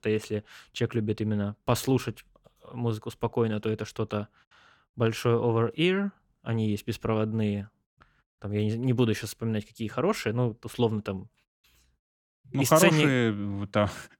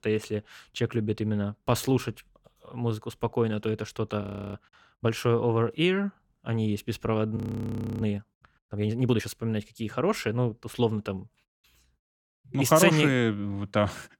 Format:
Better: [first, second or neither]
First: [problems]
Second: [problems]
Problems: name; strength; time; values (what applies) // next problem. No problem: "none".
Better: first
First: none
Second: audio freezing; at 4 s and at 7.5 s for 0.5 s